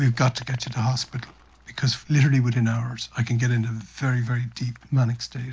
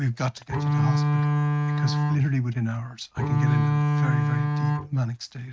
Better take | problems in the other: first | noise reduction (neural mask model RNNoise)

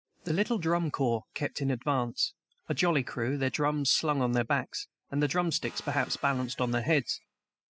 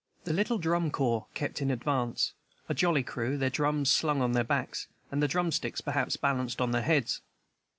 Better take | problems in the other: second | noise reduction (classical method spectral subtraction)

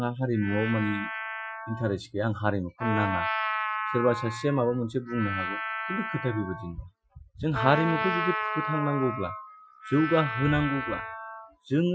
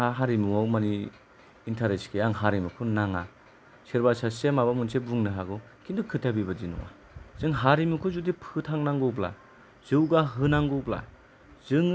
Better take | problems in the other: second | noise reduction (classical method Wiener filter)

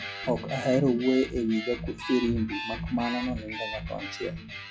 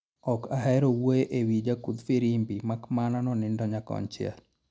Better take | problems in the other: second | noise reduction (classical method log-MMSE)

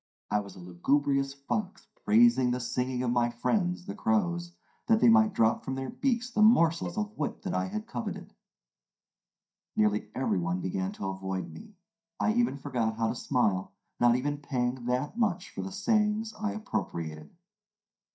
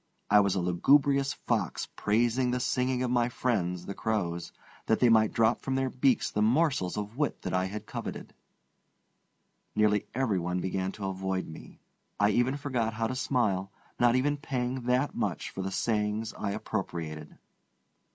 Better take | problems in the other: second | noise reduction (neural mask model DeepFilterNet 3)

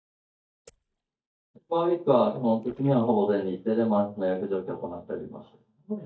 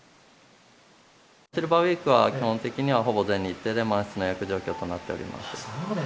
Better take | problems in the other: second | noise reduction (neural mask model DeepFilterNet 3)

